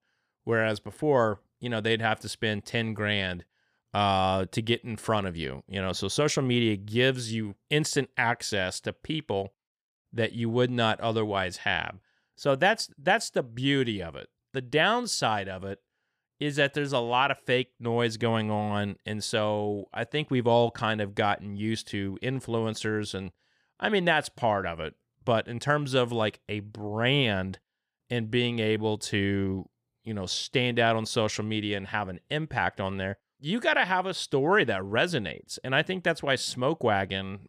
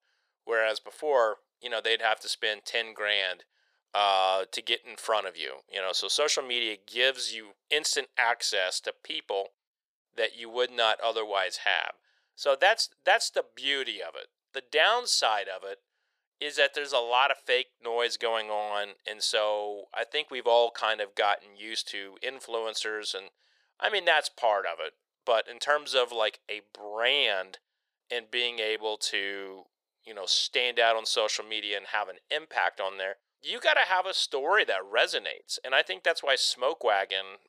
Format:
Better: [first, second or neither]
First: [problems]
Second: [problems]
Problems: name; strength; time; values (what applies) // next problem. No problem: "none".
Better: first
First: none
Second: thin; very; fading below 500 Hz